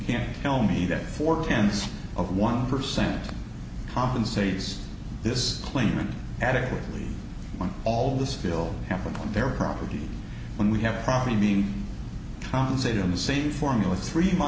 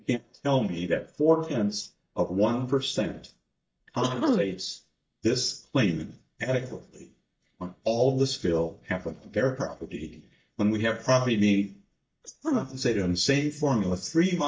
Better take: first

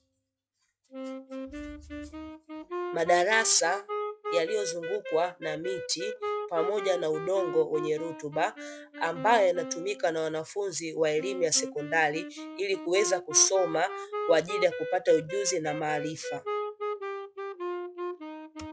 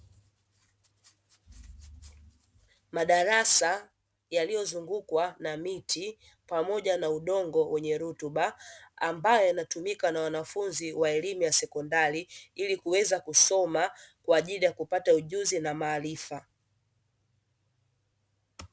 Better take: second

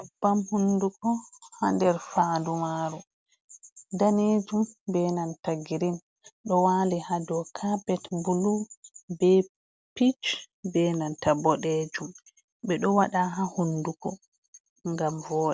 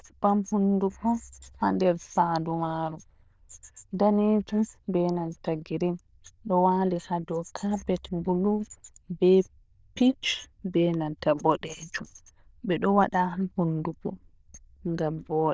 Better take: first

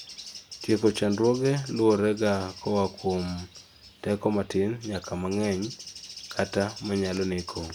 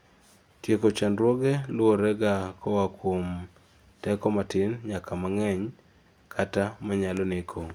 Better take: second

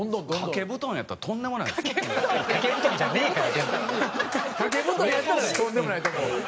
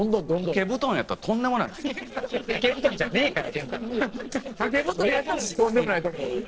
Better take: first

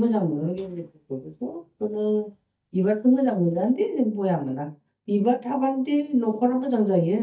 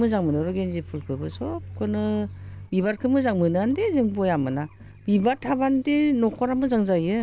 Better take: second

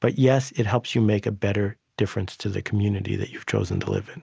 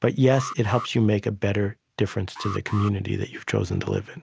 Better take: first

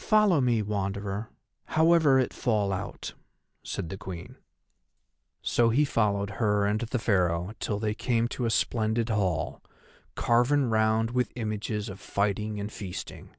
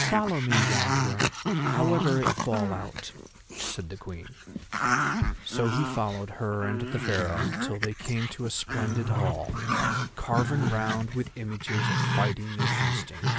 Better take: first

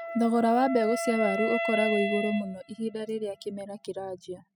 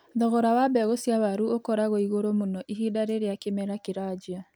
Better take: second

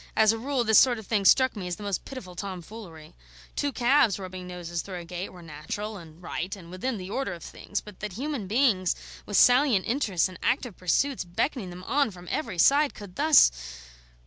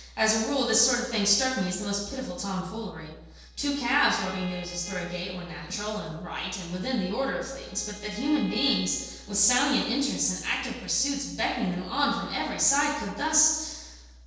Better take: first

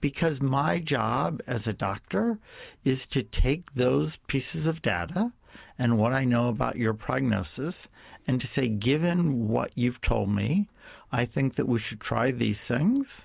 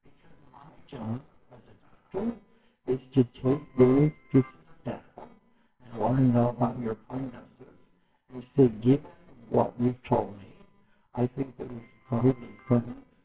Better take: first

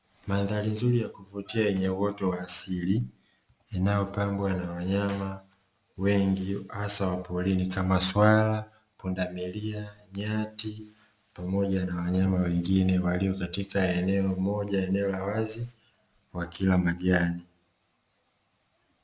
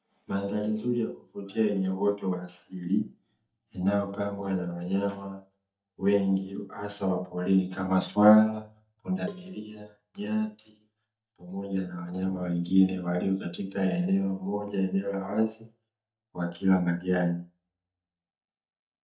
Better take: first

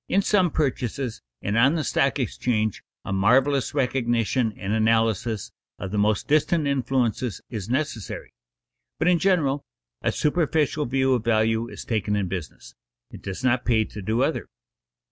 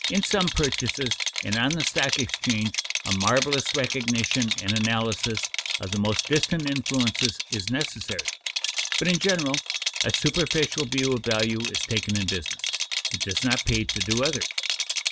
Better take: first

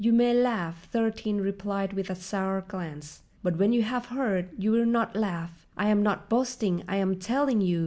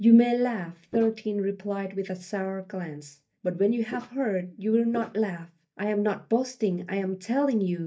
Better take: first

